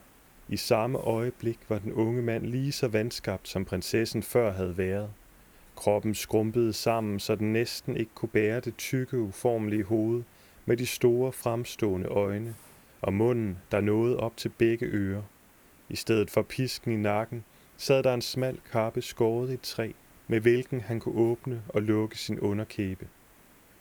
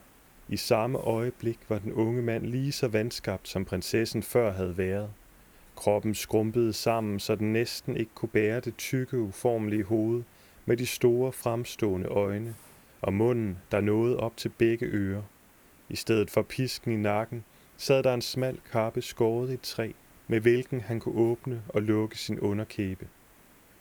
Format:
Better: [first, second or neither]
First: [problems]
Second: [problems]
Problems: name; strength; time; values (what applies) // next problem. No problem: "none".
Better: neither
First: hiss; faint; throughout; 25 dB below the speech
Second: hiss; faint; throughout; 25 dB below the speech